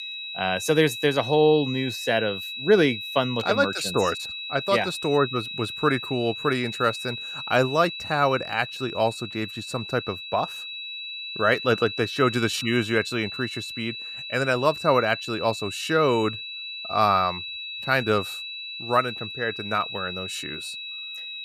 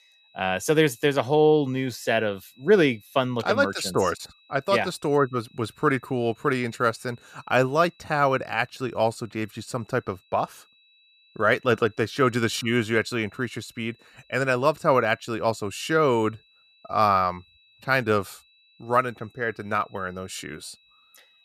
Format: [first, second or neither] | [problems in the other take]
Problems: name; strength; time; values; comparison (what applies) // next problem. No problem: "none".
second | high-pitched whine; loud; throughout; 4 kHz, 8 dB below the speech; faint in the second